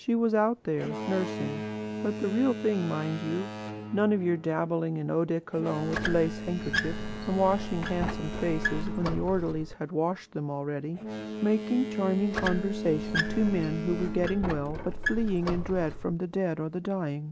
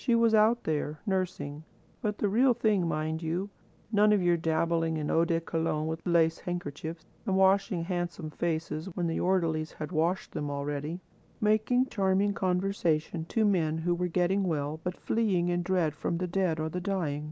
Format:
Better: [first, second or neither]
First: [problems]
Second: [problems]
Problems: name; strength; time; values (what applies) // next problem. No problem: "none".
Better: second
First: background sound (Boat, Water vehicle + Squeak); 6 dB below the speech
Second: none